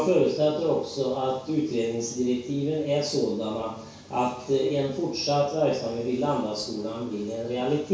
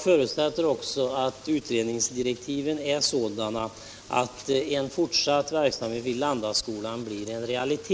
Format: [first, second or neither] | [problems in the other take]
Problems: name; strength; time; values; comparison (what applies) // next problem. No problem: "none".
second | room echo; dies away in 0.6 s